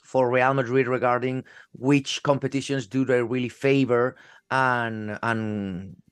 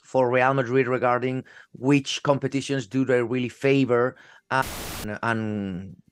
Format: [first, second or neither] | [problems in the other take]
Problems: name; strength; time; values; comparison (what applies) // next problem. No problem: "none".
first | audio cutting out; filled with static; at 4.5 s